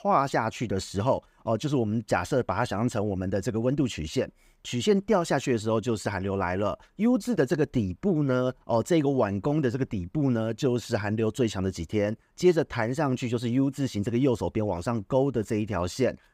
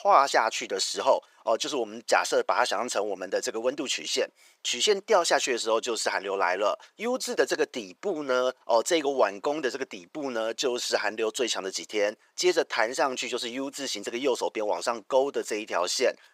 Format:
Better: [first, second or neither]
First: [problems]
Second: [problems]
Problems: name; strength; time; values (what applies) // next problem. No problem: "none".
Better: first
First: none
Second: thin; very; fading below 450 Hz